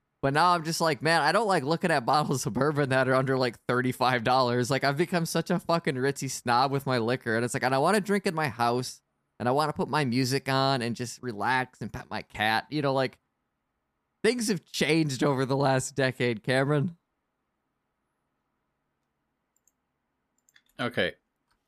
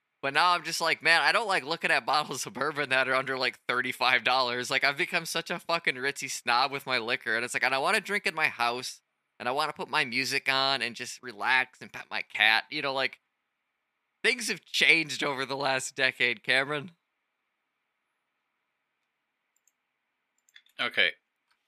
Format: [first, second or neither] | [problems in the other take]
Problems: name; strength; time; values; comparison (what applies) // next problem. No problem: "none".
first | thin; somewhat; fading below 700 Hz